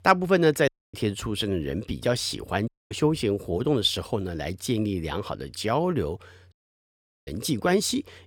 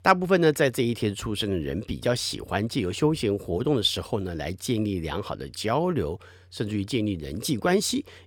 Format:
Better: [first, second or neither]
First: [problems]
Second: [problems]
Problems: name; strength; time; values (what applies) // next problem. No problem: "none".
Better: second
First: audio cutting out; at 0.5 s, at 2.5 s and at 6.5 s for 1 s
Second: none